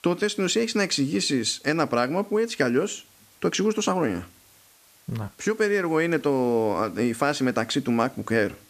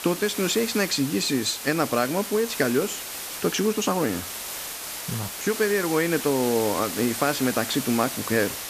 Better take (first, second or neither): first